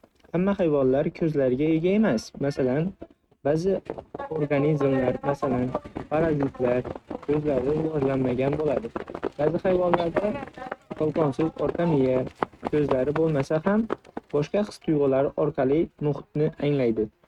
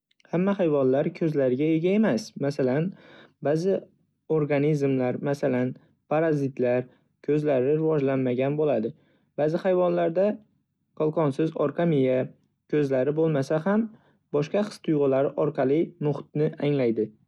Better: second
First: noise reduction (neural mask model RNNoise)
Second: none

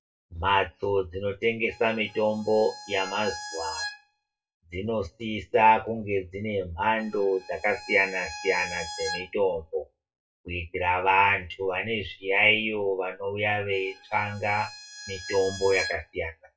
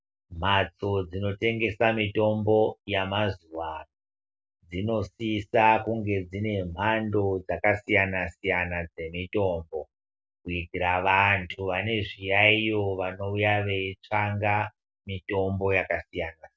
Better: second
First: noise reduction (classical method WPE with log-MMSE)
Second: none

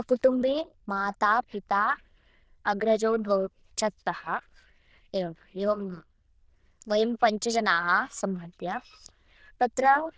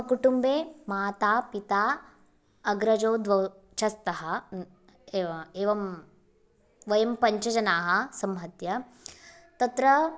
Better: second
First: noise reduction (neural diffusion model UNIVERSE++)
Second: none

